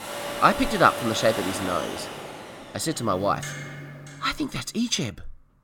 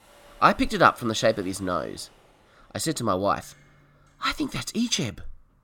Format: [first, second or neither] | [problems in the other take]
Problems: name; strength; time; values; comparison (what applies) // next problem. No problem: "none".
second | household noises; loud; until 3.5 s; 8 dB below the speech; faint in the second